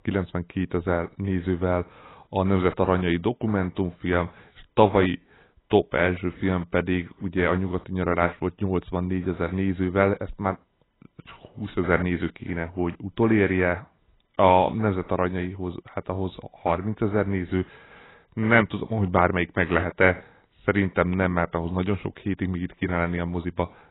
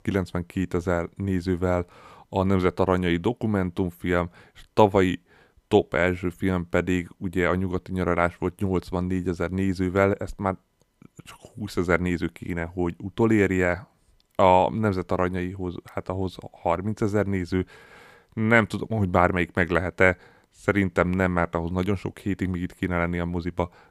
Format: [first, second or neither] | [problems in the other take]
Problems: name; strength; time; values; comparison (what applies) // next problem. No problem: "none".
second | garbled, watery; badly; nothing above 4 kHz